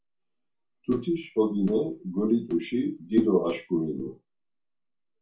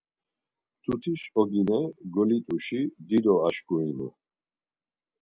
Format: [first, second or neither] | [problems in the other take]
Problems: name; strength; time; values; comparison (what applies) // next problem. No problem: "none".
second | room echo; dies away in 0.2 s